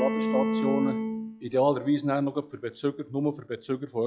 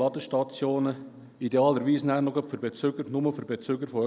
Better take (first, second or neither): second